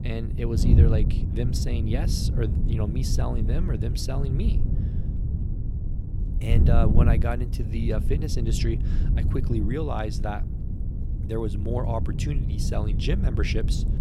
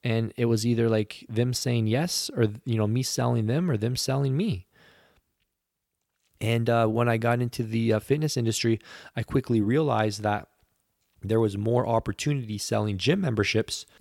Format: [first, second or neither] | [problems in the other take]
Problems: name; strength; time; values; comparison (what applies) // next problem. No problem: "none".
second | wind noise on the microphone; heavy; 5 dB below the speech